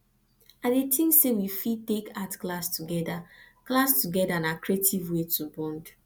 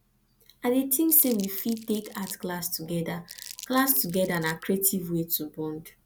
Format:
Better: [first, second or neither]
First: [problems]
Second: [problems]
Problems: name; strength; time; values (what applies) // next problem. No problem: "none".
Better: first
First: none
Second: background sound (Crumpling, crinkling); 17 dB below the speech